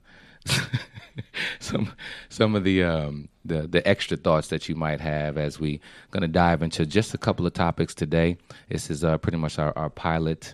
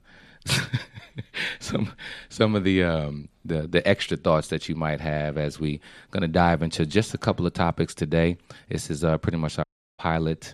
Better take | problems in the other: first | audio cutting out; at 9.5 s

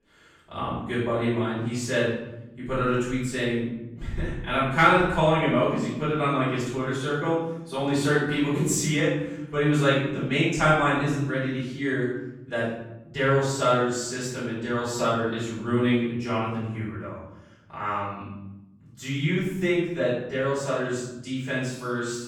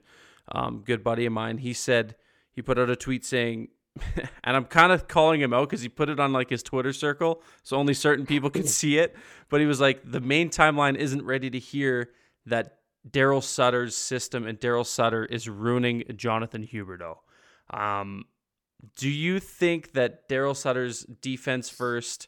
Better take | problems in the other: second | room echo; strong; dies away in 1 s // off-mic speech; far

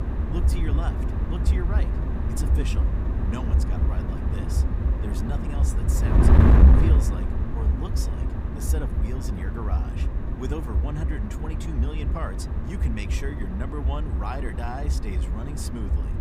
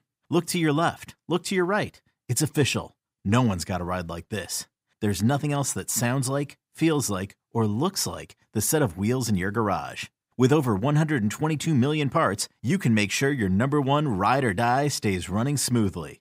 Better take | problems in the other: second | wind noise on the microphone; heavy; 2 dB above the speech

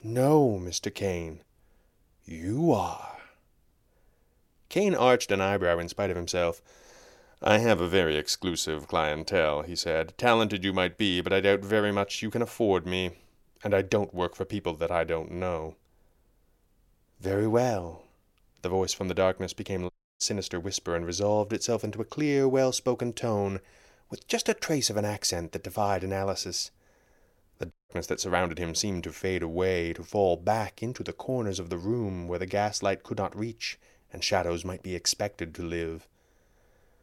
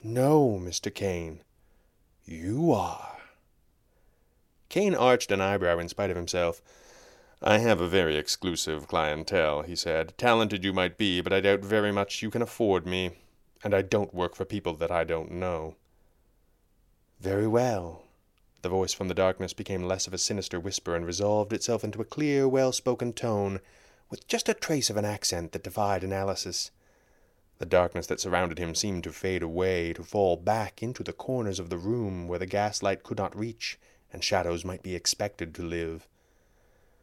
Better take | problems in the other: second | audio cutting out; at 20 s and at 28 s

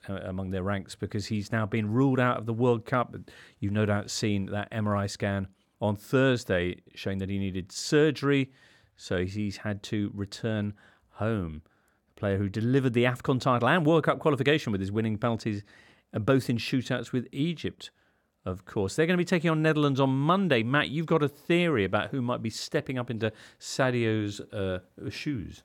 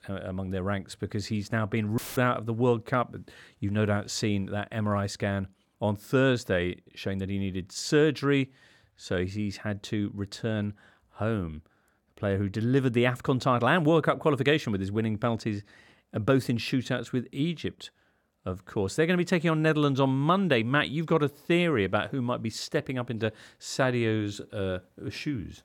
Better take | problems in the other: first | audio cutting out; filled with static; at 2 s

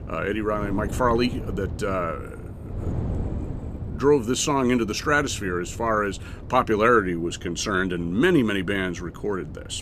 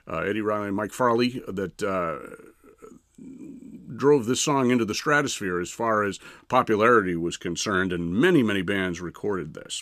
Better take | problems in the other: second | wind noise on the microphone; occasional gusts; 20 dB below the speech

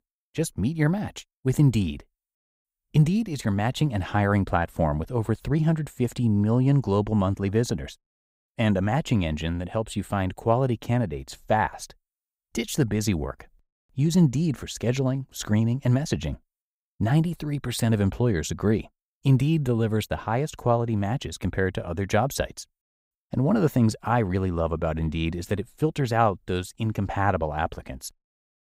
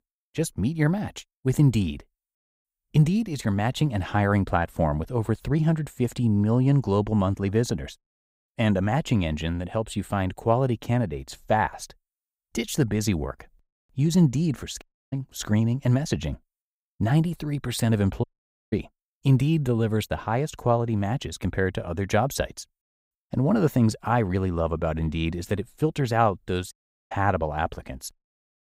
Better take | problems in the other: first | audio cutting out; at 15 s, at 18 s and at 27 s

